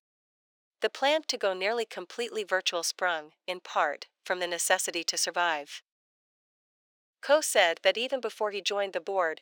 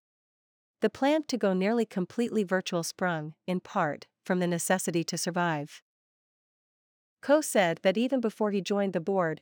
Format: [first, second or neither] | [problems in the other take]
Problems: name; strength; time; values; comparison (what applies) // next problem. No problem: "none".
second | thin; very; fading below 450 Hz